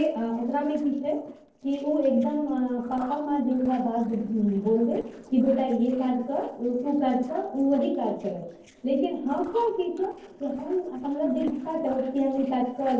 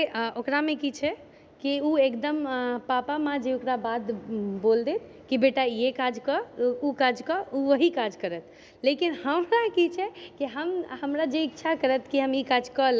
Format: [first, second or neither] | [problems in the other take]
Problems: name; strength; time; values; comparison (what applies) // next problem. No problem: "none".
second | noise reduction (neural separator model SepFormer DNS4)